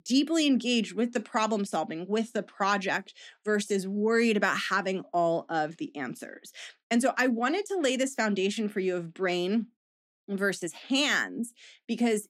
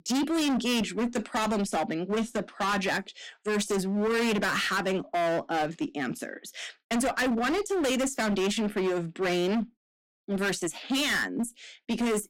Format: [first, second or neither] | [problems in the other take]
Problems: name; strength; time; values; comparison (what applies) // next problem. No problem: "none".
first | distortion; heavy; 23% of the sound clipped